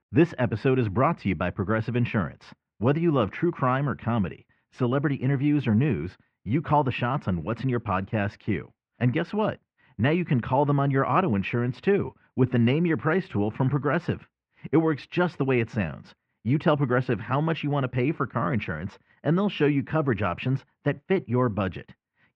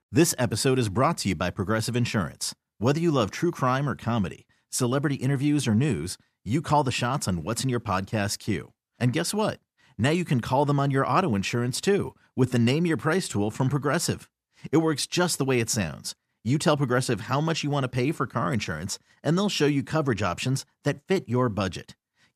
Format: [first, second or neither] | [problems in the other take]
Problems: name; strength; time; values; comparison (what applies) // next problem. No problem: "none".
second | muffled; very; fading above 2.5 kHz